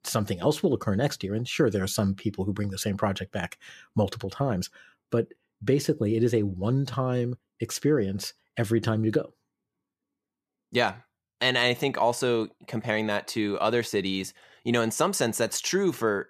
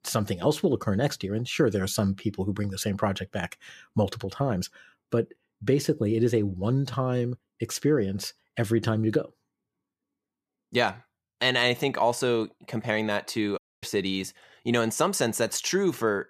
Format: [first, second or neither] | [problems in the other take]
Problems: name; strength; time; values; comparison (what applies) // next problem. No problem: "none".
first | audio cutting out; at 14 s